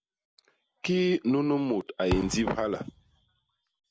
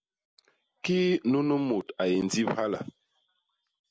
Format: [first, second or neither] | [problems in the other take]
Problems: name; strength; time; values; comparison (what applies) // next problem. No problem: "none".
second | background sound (Thump, thud); 10 dB below the speech